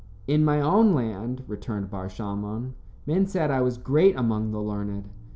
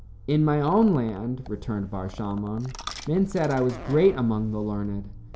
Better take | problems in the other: first | background sound (Fart + Coin (dropping)); 20 dB below the speech

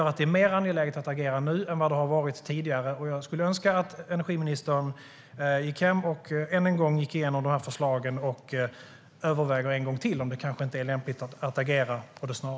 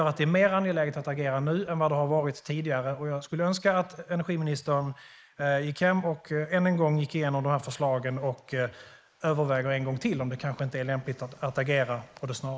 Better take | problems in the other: first | noise reduction (neural mask model Resemble Enhance denoiser)

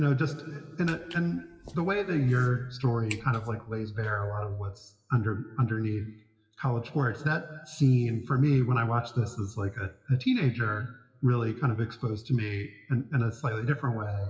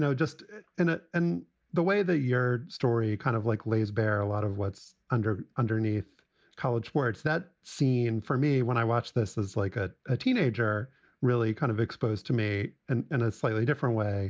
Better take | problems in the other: second | noise reduction (classical method WPE with log-MMSE)

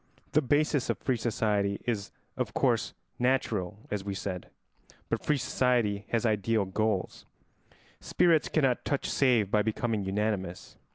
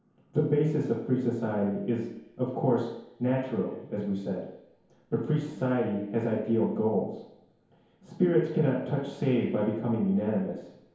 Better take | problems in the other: first | room echo; dies away in 1 s

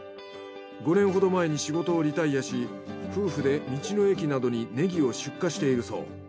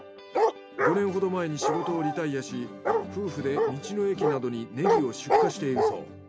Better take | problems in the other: first | background sound (Bark); 2 dB above the speech

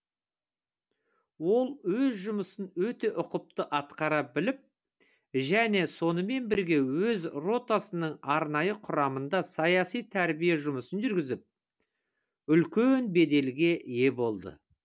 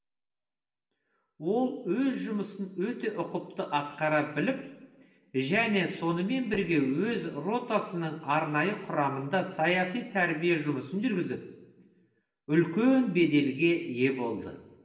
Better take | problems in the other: first | room echo; dies away in 1.1 s

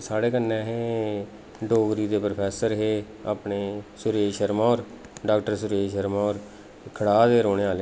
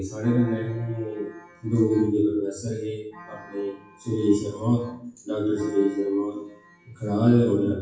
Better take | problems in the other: first | noise reduction (classical method WPE with log-MMSE)

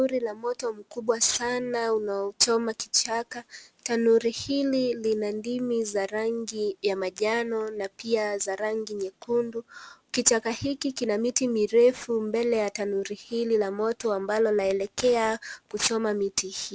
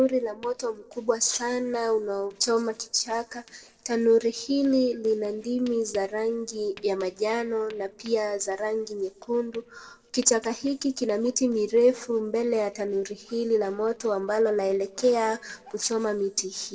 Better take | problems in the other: first | noise reduction (neural separator model SepFormer DNS4)

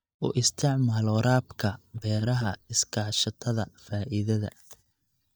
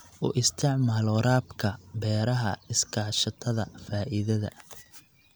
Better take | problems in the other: second | noise reduction (neural mask model DeepFilterNet 3)

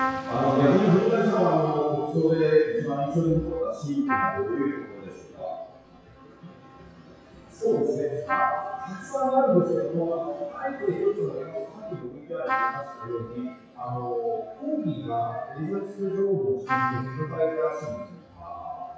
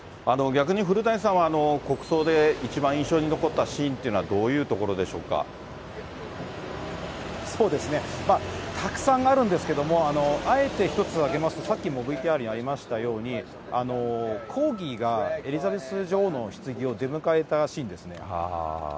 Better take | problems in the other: second | noise reduction (classical method WPE with log-MMSE)

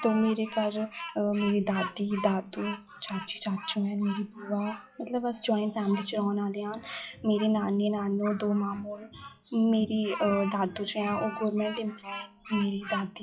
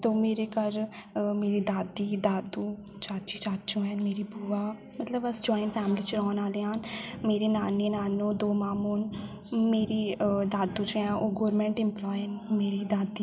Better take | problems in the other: second | noise reduction (classical method log-MMSE)

